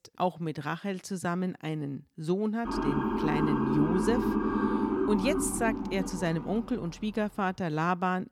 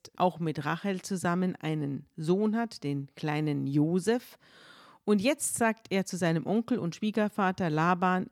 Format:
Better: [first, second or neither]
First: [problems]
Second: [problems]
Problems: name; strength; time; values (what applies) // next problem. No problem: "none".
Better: second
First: siren; loud; from 2.5 to 6.5 s; peak 4 dB above the speech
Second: none